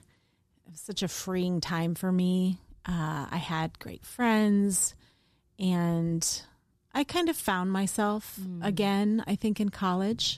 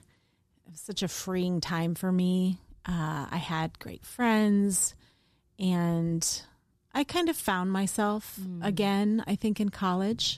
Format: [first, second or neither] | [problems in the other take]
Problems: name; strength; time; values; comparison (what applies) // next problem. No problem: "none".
neither | none